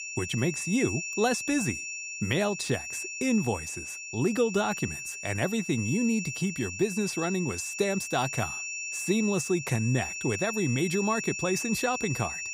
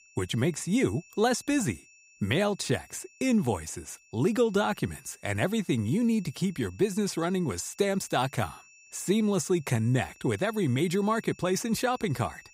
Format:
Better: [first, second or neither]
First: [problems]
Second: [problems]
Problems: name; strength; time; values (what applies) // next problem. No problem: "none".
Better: second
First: high-pitched whine; loud; throughout; 2.5 kHz, 5 dB below the speech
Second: high-pitched whine; faint; throughout; 2.5 kHz, 25 dB below the speech